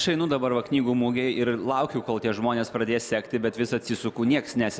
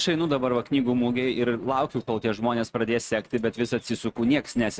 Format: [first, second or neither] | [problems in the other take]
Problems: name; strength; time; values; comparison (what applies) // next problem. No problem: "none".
first | noise reduction (neural mask model RNNoise)